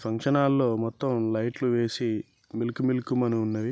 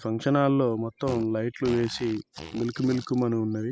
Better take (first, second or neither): first